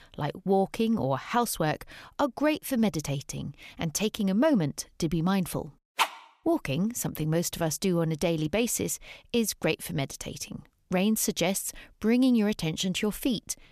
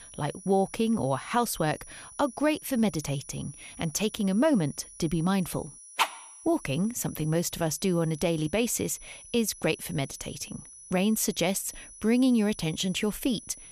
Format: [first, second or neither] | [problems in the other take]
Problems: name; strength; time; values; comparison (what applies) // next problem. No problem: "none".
first | high-pitched whine; noticeable; throughout; 10 kHz, 15 dB below the speech